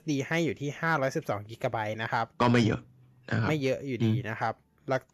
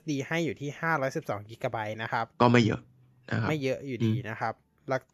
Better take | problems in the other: second | distortion; slight; 10 dB below the speech

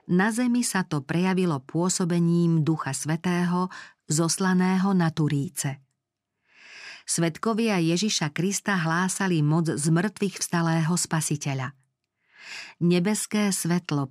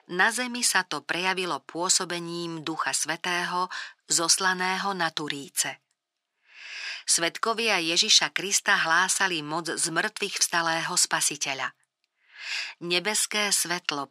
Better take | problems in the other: first | thin; very; fading below 550 Hz

